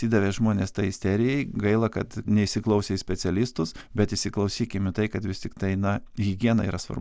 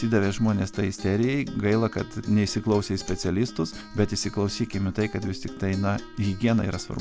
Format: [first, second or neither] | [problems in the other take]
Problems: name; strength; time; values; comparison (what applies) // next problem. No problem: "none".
first | background sound (Acoustic guitar); 17 dB below the speech